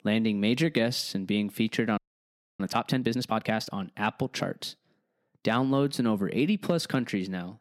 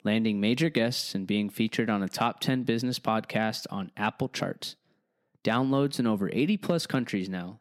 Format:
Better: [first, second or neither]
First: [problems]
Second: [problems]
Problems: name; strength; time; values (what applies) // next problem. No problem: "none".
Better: second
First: audio freezing; at 2 s for 0.5 s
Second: none